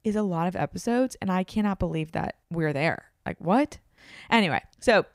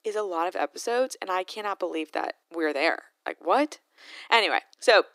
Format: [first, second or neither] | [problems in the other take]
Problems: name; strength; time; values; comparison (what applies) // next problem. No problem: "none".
first | thin; very; fading below 300 Hz